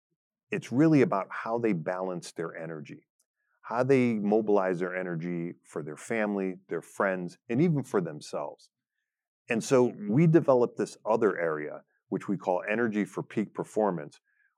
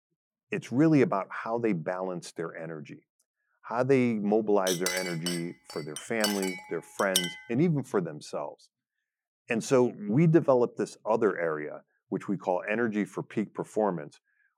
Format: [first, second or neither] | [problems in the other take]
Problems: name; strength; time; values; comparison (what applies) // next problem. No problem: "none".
first | clattering dishes; loud; from 4.5 to 7.5 s; peak level with the speech